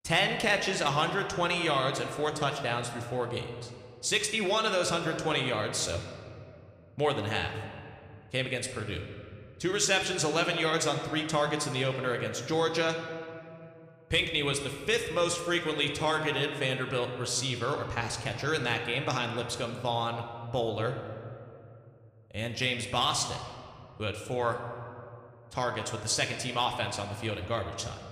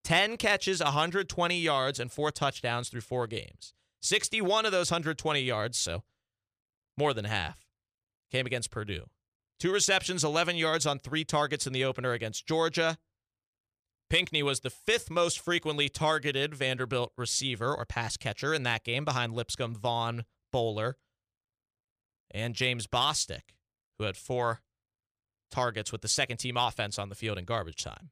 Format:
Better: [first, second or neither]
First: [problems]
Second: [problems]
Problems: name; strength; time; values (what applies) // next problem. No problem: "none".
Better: second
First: room echo; slight; dies away in 1.9 s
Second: none